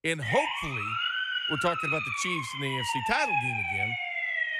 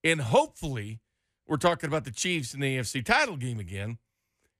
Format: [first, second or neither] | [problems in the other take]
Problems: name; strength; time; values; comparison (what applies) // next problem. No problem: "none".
second | siren; loud; peak 5 dB above the speech